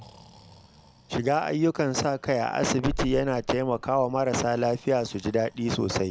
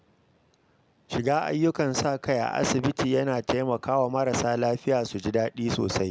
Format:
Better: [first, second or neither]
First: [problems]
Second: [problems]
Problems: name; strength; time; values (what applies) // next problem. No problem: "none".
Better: second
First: background sound (Breathing); 17 dB below the speech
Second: none